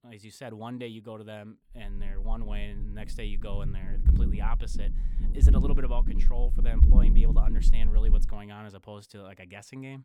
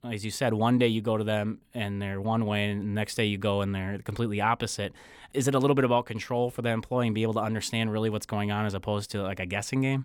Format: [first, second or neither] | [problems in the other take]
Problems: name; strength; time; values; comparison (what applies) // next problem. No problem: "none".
second | low rumble; loud; from 2 to 8 s; 2 dB below the speech